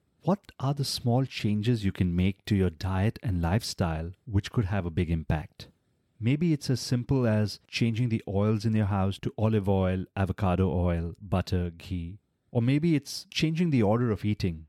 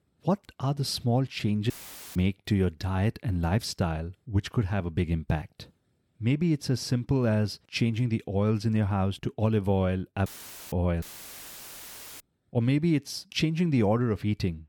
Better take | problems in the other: first | audio cutting out; filled with static; at 1.5 s, at 10 s and at 11 s for 1 s

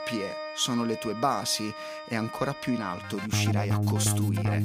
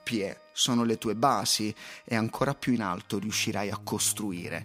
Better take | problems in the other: second | background music; loud; throughout; 2 dB below the speech; faint in the second

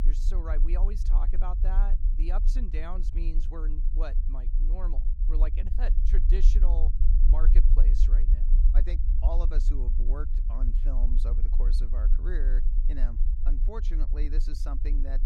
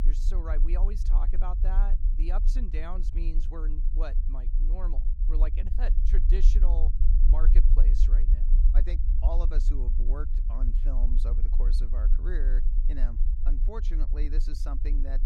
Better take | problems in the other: neither | low rumble; loud; throughout; 7 dB below the speech; the same in both

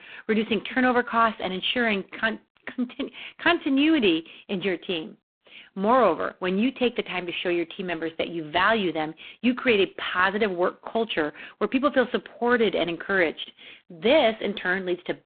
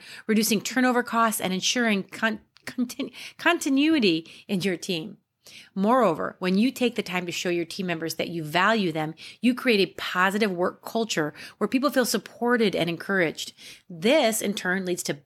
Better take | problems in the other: second | phone-call audio; poor line

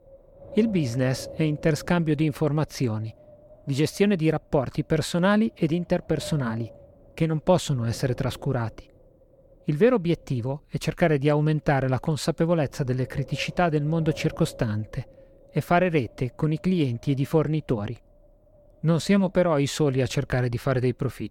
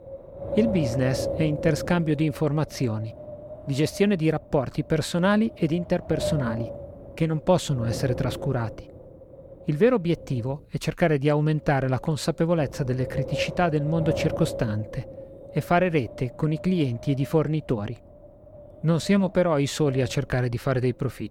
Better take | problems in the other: first | wind noise on the microphone; heavy; 8 dB below the speech; occasional gusts in the first

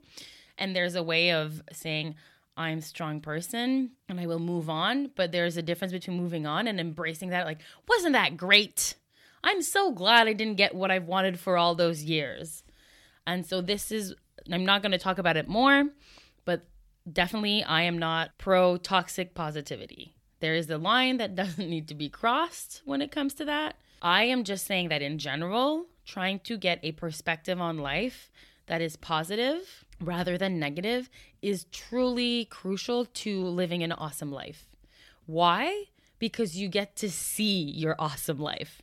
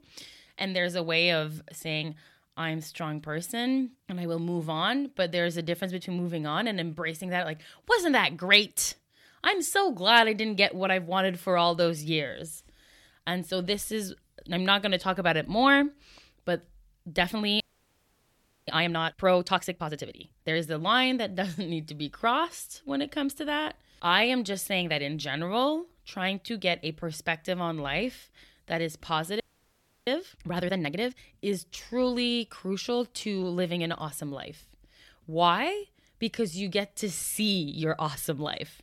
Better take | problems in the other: first | audio freezing; at 18 s for 1 s and at 29 s for 0.5 s

